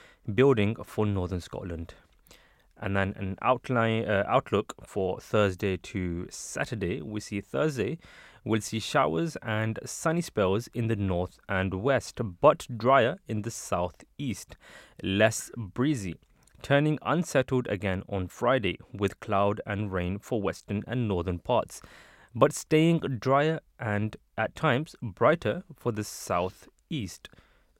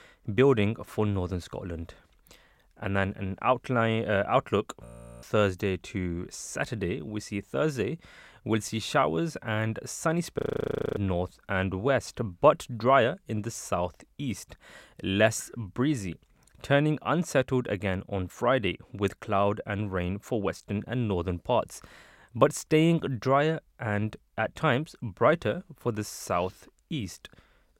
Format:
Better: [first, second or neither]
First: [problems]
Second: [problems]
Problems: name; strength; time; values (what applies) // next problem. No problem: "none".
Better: first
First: none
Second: audio freezing; at 5 s and at 10 s for 0.5 s